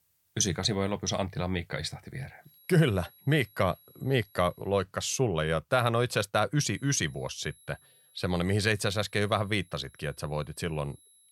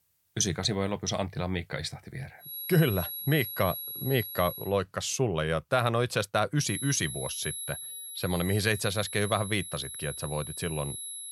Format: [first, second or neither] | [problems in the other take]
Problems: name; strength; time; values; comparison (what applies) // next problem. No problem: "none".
first | high-pitched whine; loud; from 2.5 to 4.5 s and from 6.5 s on; 11 kHz, 7 dB below the speech; faint in the first